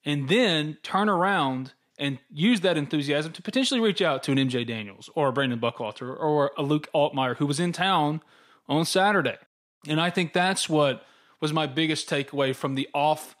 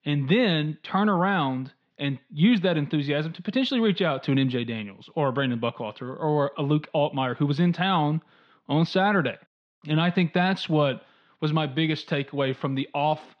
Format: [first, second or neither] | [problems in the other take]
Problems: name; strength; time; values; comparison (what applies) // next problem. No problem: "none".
first | muffled; very slightly; fading above 4 kHz